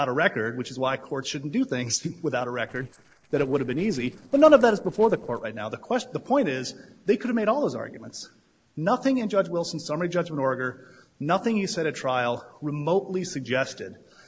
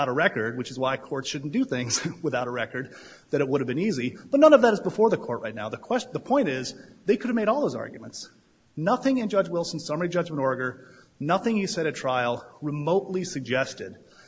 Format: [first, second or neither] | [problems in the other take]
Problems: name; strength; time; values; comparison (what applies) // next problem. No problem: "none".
second | noise reduction (neural separator model SepFormer DNS4)